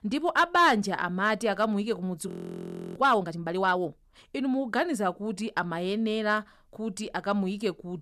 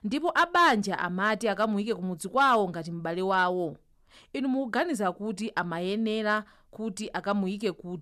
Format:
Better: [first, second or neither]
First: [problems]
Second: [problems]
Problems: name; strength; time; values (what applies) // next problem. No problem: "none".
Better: second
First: audio freezing; at 2.5 s for 0.5 s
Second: none